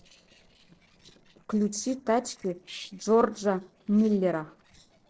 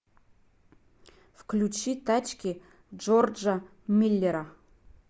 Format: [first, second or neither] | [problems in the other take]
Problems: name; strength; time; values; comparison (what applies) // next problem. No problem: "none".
second | noise reduction (neural separator model SepFormer DNS4)